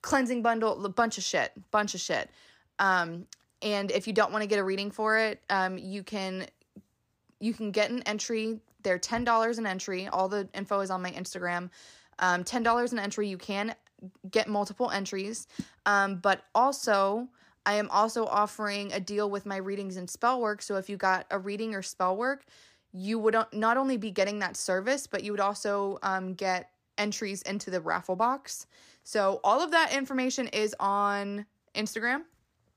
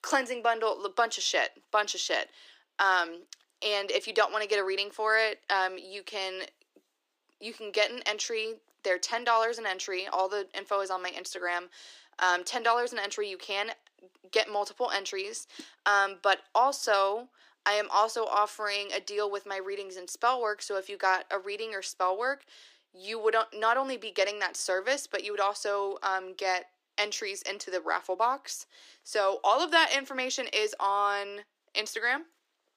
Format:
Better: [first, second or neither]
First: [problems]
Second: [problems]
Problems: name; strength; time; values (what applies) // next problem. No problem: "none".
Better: first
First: none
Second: thin; very; fading below 300 Hz